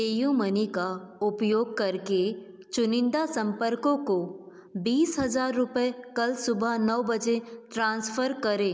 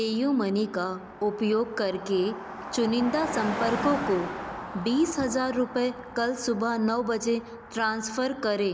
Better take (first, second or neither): first